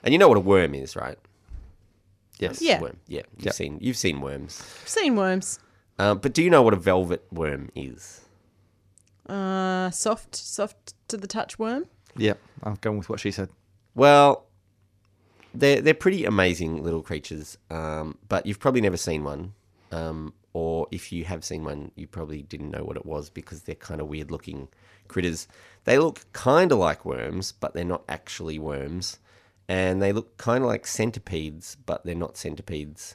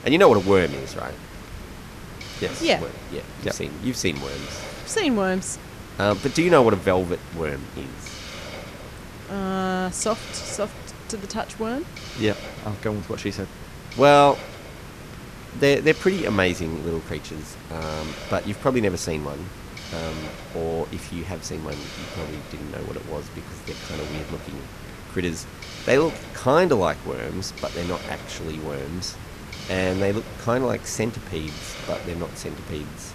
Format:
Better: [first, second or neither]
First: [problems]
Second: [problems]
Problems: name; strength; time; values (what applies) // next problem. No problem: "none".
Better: first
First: none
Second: hiss; noticeable; throughout; 15 dB below the speech